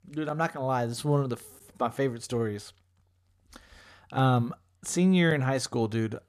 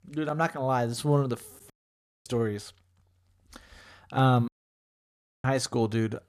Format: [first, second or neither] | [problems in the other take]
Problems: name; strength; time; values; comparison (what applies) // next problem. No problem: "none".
first | audio cutting out; at 1.5 s for 0.5 s and at 4.5 s for 1 s